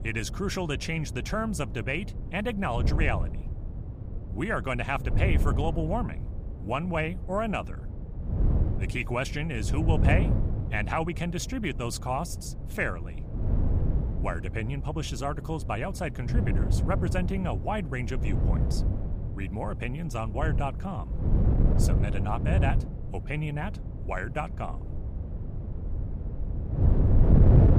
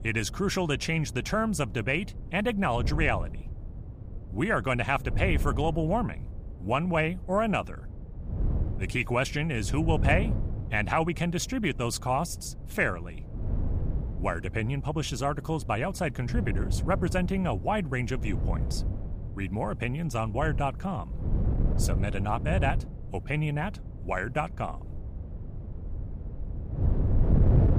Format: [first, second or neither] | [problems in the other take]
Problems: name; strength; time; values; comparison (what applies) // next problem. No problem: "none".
second | wind noise on the microphone; heavy; 9 dB below the speech; occasional gusts in the second